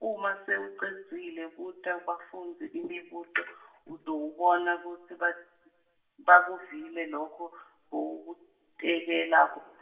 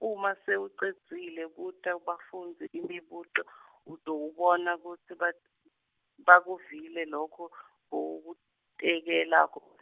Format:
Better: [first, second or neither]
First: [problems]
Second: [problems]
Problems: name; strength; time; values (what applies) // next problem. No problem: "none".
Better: second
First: room echo; dies away in 0.6 s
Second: none